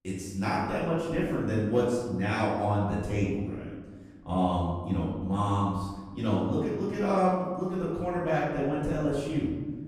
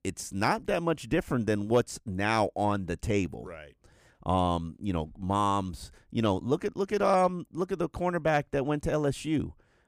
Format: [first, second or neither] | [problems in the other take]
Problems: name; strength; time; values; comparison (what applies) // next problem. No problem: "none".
second | room echo; noticeable; dies away in 1.5 s // off-mic speech; far